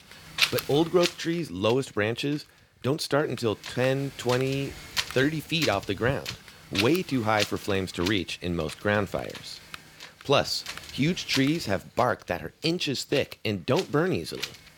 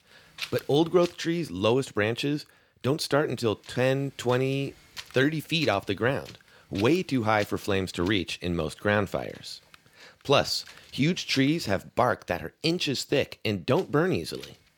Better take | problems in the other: second | wind noise on the microphone; heavy; 5 dB below the speech; occasional gusts in the second

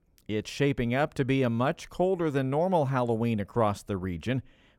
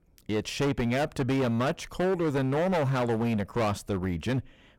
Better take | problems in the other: first | distortion; heavy; 19% of the sound clipped

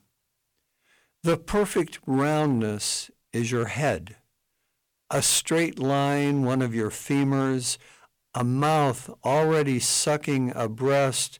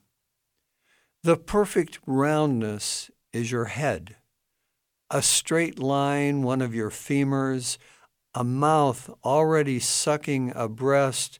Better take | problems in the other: second | distortion; slight; 7% of the sound clipped

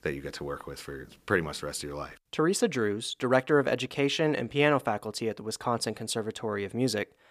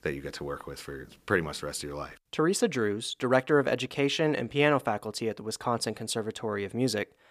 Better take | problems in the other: neither | none

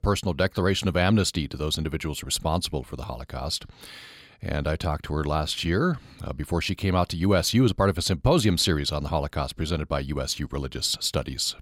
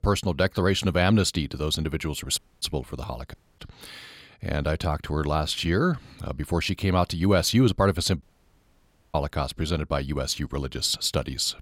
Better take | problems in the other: first | audio cutting out; at 2.5 s, at 3.5 s and at 8 s for 1 s

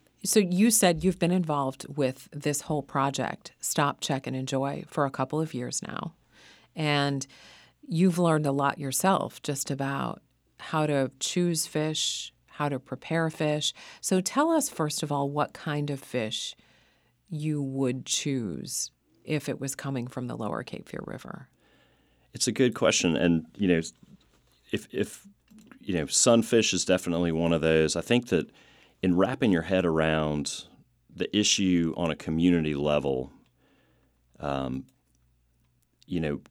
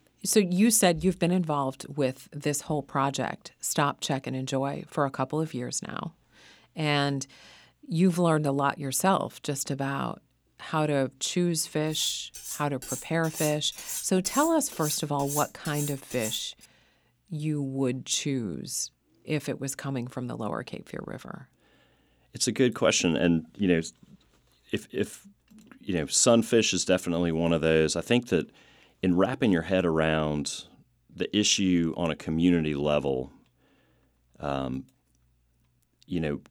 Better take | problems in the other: first | clattering dishes; noticeable; from 12 to 17 s; peak 6 dB below the speech

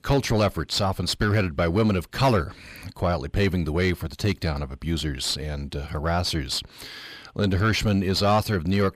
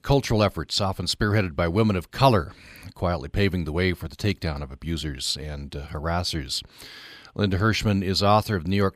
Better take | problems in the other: second | distortion; slight; 10 dB below the speech

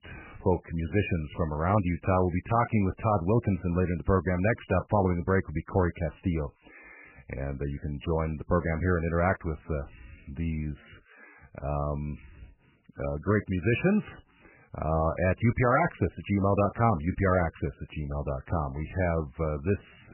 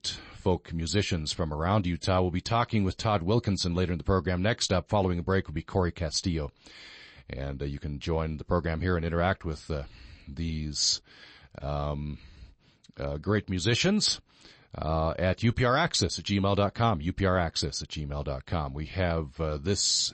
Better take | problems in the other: second | garbled, watery; badly; nothing above 3 kHz; slightly in the second

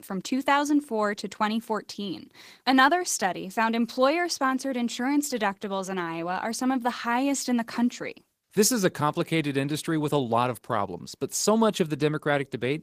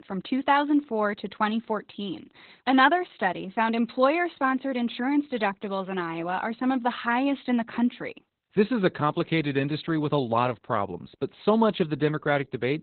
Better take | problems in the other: first | garbled, watery; badly; nothing above 4 kHz; slightly in the first

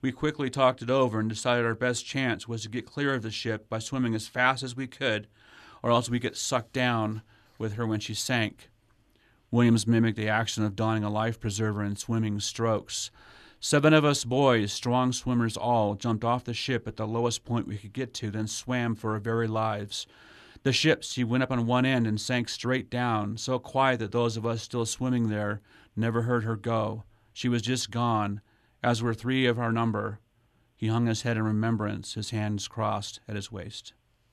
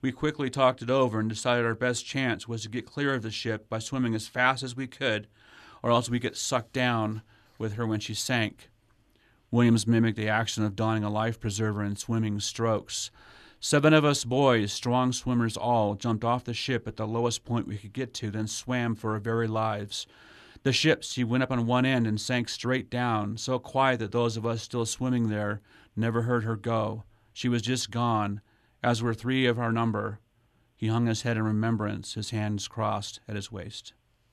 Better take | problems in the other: neither | none

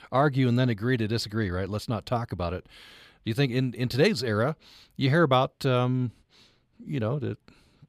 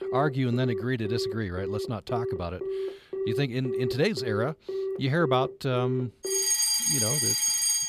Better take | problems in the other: first | alarms or sirens; very loud; throughout; 1 dB above the speech

